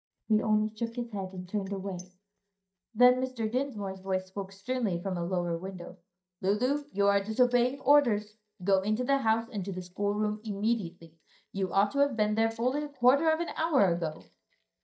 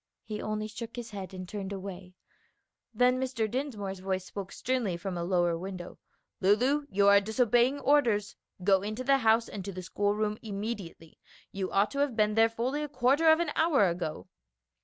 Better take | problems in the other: second | noise reduction (neural mask model DeepFilterNet 3)

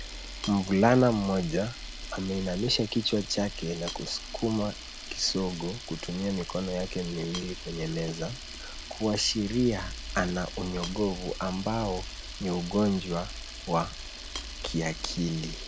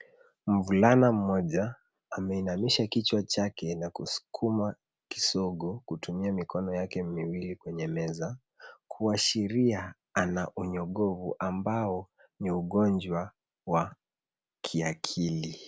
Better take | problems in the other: second | background sound (Camera); 10 dB below the speech

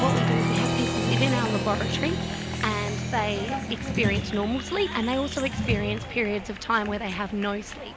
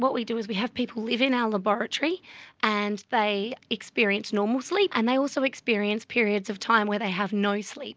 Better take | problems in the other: second | background sound (Applause); as loud as the speech

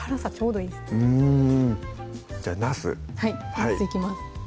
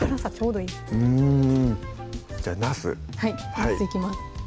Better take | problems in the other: first | background sound (Knock + Drum kit); 11 dB below the speech

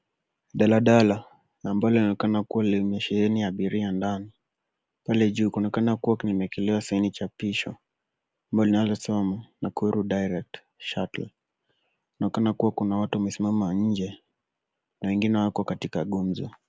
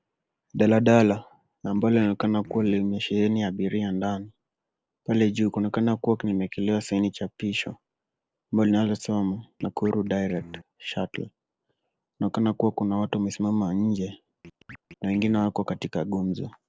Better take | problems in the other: first | noise reduction (neural separator model SepFormer DNS4)

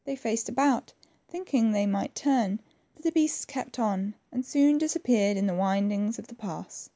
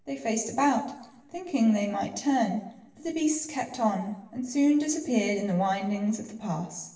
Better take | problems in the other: first | room echo; dies away in 0.8 s

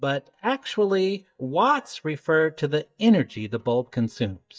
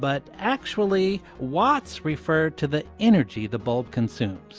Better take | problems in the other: second | noise reduction (neural mask model DeepFilterNet 3)

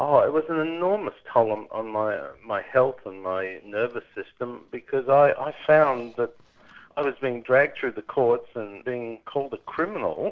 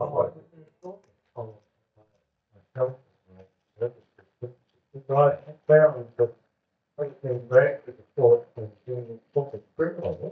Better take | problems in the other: first | noise reduction (neural mask model DeepFilterNet 3)

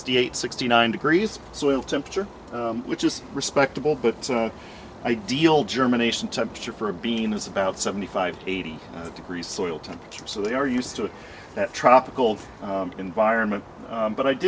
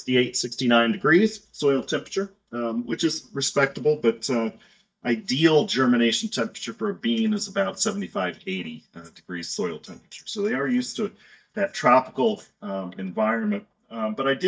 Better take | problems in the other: first | noise reduction (neural mask model DeepFilterNet 3)

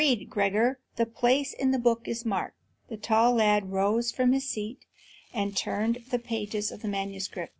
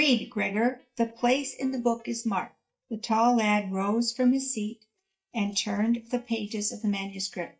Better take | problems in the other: first | noise reduction (neural mask model DeepFilterNet 3)

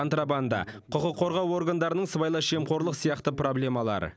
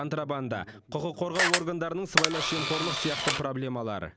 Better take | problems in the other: first | background sound (Camera); 3 dB above the speech

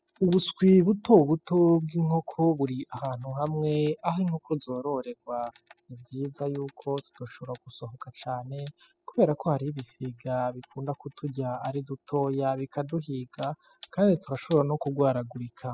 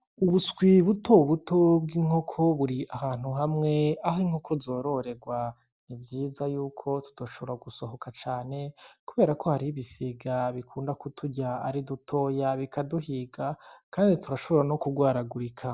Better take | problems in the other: second | noise reduction (classical method spectral subtraction)

